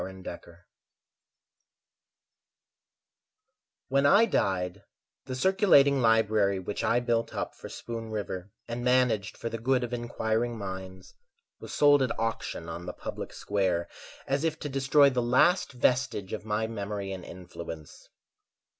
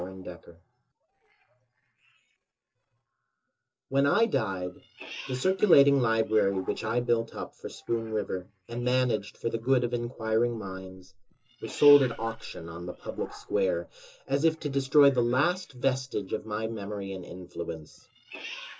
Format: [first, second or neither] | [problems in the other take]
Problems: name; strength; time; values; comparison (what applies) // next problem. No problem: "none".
first | noise reduction (neural separator model SepFormer DNS4)